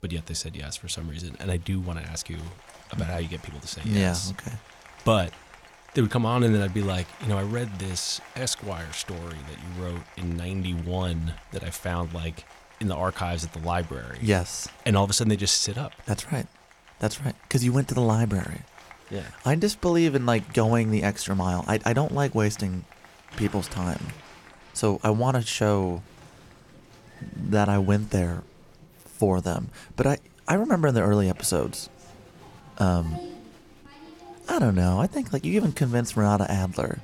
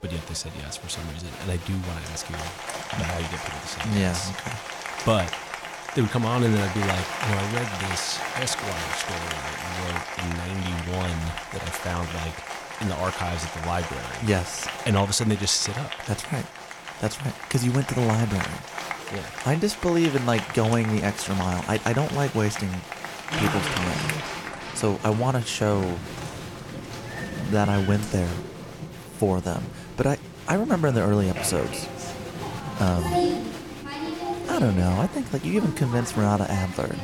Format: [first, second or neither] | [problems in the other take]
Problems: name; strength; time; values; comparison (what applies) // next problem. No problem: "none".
first | crowd noise; loud; throughout; 6 dB below the speech; faint in the first